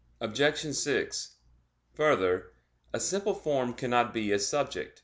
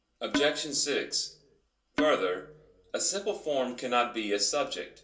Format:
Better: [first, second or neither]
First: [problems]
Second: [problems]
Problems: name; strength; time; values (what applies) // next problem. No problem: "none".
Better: first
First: none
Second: background sound (Percussion); 4 dB below the speech // room echo; dies away in 0.2 s